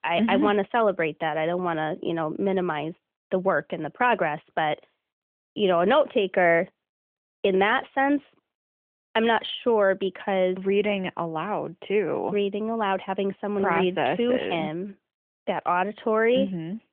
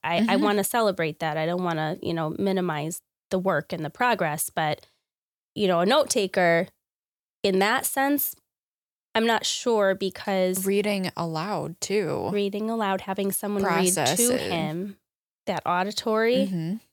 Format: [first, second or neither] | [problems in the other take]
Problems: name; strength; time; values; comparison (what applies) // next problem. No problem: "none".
second | phone-call audio; nothing above 3.5 kHz